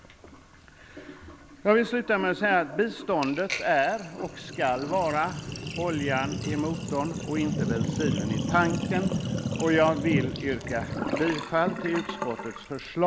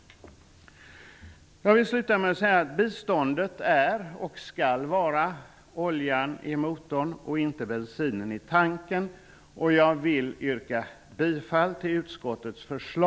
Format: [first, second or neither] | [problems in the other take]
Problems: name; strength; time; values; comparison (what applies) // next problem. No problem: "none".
second | background sound (Sink (filling or washing)); 5 dB below the speech